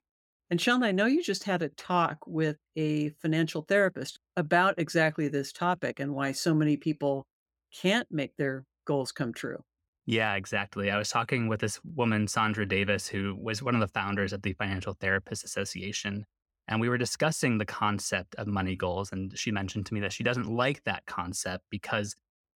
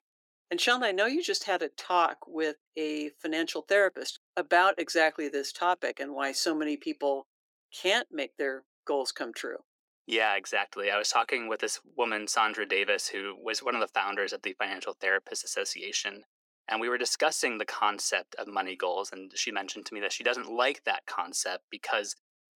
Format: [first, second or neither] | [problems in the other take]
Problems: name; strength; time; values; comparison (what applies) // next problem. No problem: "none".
first | thin; very; fading below 350 Hz